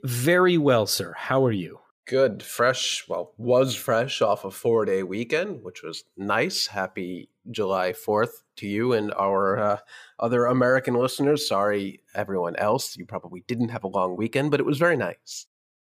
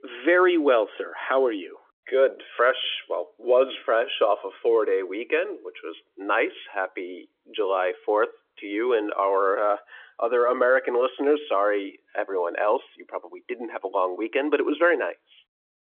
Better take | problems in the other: first | phone-call audio; nothing above 3.5 kHz

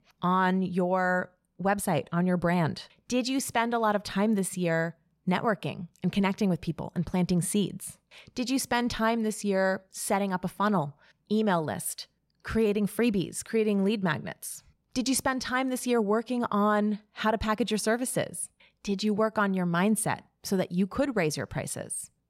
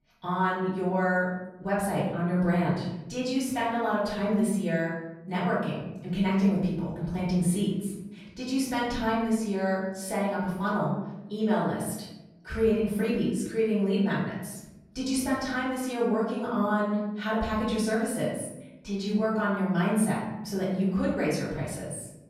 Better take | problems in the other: first | off-mic speech; far // room echo; noticeable; dies away in 1 s

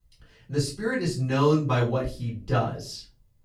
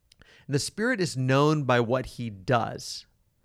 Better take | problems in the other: second | off-mic speech; far // room echo; slight; dies away in 0.3 s

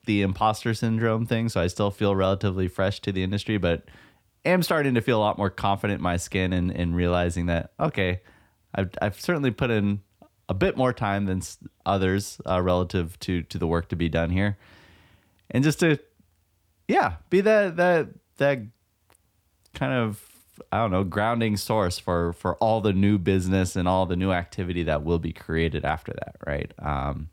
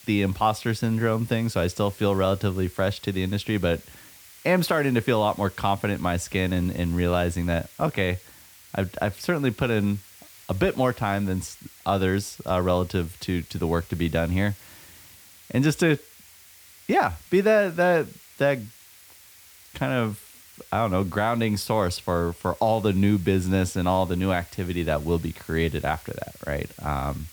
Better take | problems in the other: first | hiss; faint; throughout; 20 dB below the speech

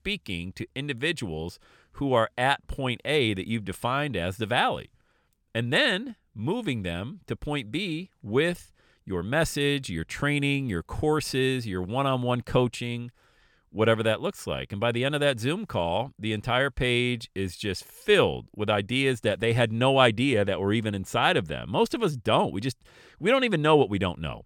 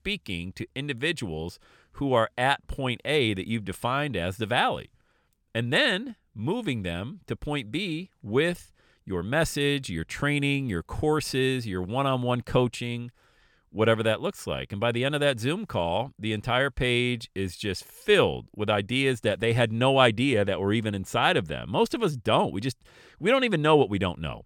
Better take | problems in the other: neither | none

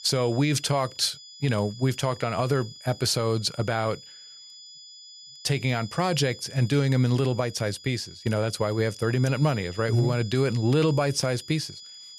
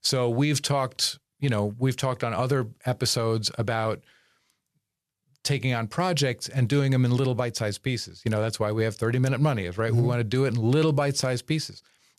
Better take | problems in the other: second | high-pitched whine; noticeable; throughout; 5 kHz, 15 dB below the speech

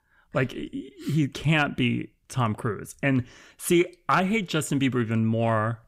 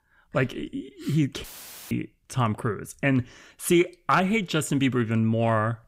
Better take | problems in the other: first | audio cutting out; filled with static; at 1.5 s

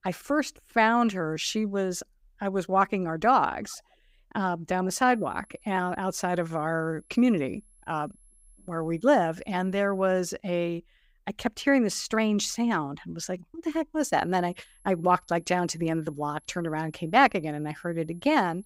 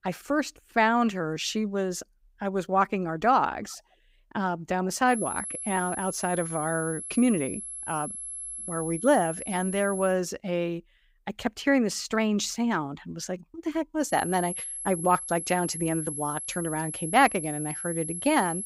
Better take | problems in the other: first | high-pitched whine; loud; from 5 to 10 s and from 14 s on; 11 kHz, 7 dB below the speech; faint in the first

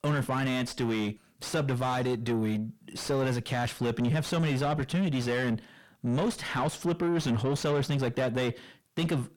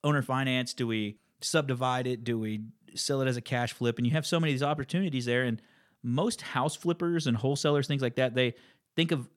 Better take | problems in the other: second | distortion; heavy; 7 dB below the speech

